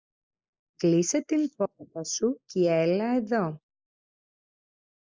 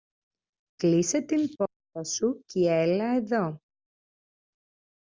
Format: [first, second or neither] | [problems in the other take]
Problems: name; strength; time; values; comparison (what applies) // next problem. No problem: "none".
second | noise reduction (neural mask model Resemble Enhance denoiser)